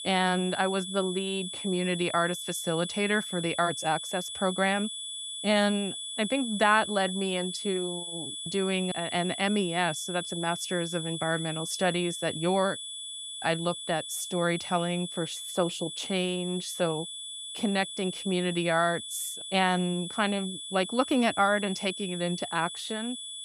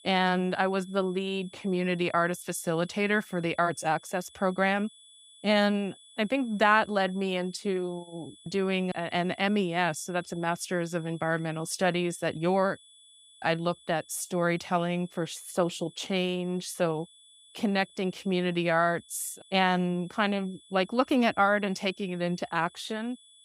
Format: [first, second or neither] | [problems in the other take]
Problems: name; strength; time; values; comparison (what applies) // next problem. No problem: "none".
second | high-pitched whine; loud; throughout; 3.5 kHz, 7 dB below the speech; faint in the second